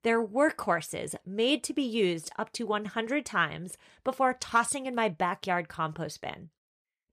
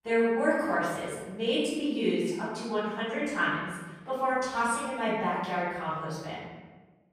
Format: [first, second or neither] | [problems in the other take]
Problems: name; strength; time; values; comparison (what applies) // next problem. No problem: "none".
first | off-mic speech; far // room echo; strong; dies away in 1.1 s